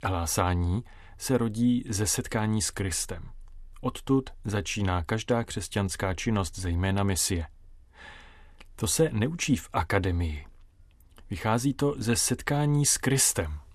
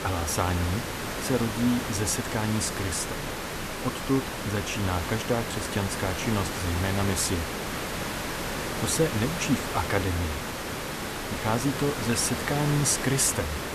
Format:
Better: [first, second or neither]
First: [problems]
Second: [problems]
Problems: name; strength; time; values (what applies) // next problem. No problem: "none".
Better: first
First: none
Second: hiss; loud; throughout; 4 dB below the speech